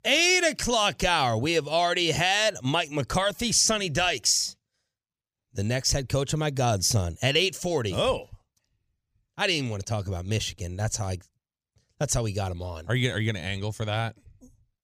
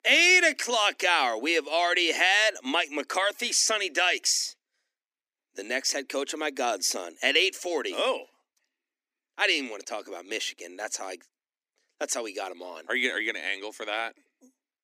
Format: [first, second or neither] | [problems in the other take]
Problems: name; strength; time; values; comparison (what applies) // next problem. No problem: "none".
first | thin; somewhat; fading below 250 Hz